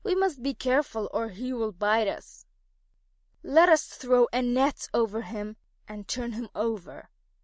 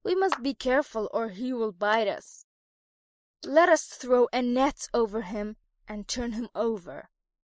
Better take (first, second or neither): first